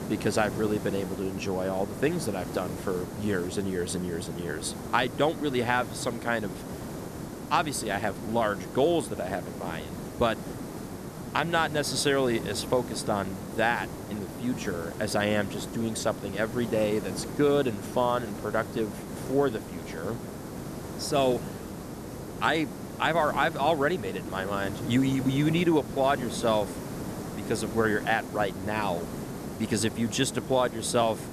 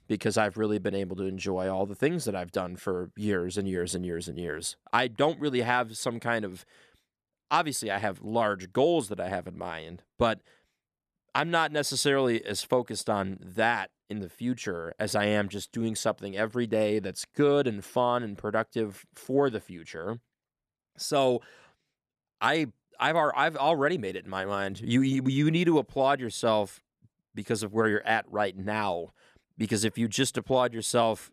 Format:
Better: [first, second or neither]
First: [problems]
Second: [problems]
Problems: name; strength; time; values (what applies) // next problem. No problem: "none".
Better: second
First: hiss; loud; throughout; 9 dB below the speech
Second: none